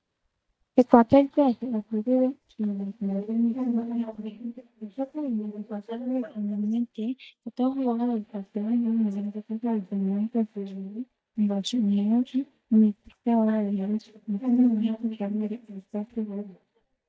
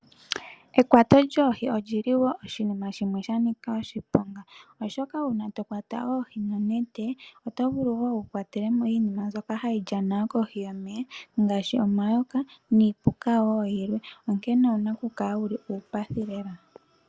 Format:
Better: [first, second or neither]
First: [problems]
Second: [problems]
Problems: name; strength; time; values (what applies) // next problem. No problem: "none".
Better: second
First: noise reduction (neural mask model DeepFilterNet 3)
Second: none